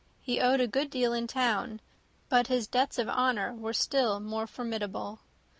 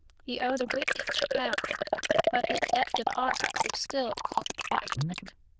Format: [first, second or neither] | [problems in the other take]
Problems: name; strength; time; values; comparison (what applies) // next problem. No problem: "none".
first | noise reduction (neural diffusion model UNIVERSE++)